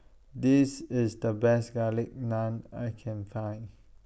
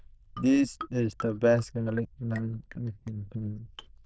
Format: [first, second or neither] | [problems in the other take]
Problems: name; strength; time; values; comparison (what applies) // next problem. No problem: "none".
first | noise reduction (neural diffusion model UNIVERSE++)